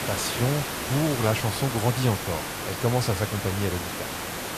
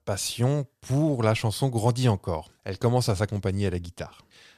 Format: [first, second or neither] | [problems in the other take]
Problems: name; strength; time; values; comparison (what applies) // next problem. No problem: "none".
second | hiss; loud; throughout; 3 dB below the speech